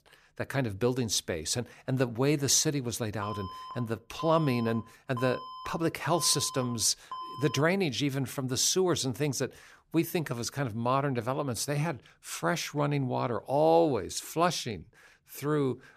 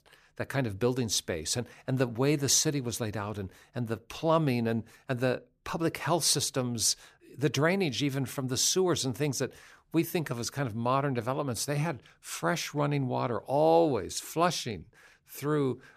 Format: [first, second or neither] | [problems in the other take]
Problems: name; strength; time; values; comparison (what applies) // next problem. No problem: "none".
second | alarm; faint; from 3 to 7.5 s; peak 10 dB below the speech